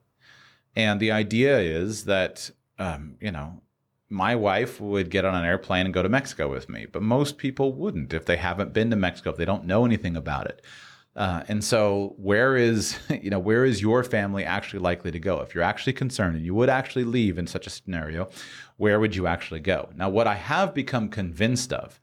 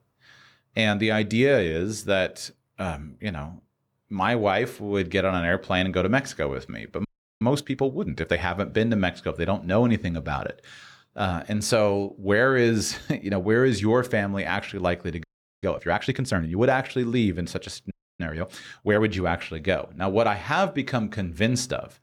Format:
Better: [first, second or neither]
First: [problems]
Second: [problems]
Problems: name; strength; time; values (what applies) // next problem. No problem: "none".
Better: first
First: none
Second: audio freezing; at 7 s, at 15 s and at 18 s